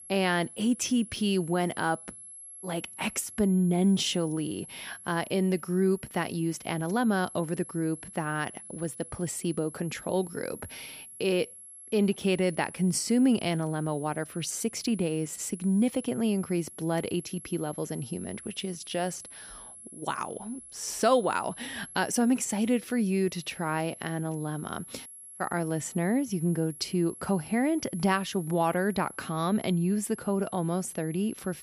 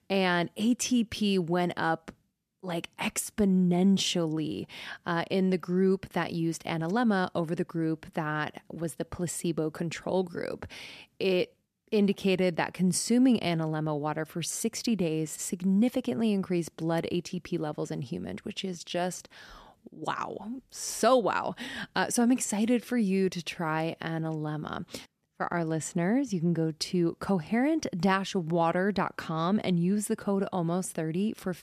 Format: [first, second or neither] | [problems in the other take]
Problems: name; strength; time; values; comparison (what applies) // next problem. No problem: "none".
second | high-pitched whine; noticeable; throughout; 11 kHz, 15 dB below the speech